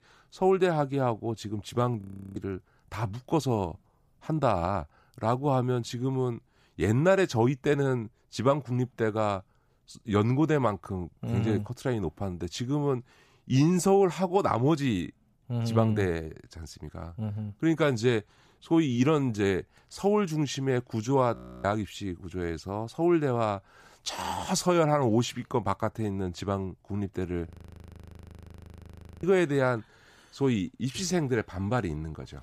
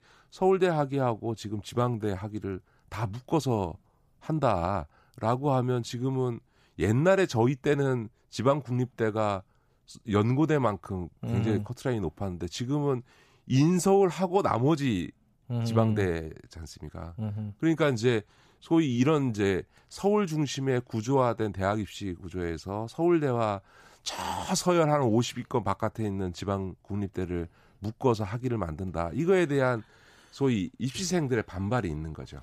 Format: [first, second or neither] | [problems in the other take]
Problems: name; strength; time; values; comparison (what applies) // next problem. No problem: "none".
second | audio freezing; at 2 s, at 21 s and at 27 s for 1.5 s